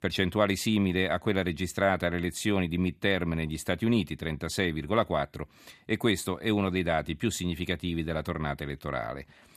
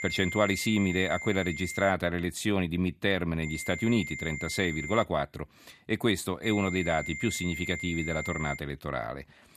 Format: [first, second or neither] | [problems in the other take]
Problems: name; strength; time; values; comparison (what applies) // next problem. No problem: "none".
first | high-pitched whine; loud; until 2 s, from 3.5 to 5 s and from 6.5 to 8.5 s; 2 kHz, 7 dB below the speech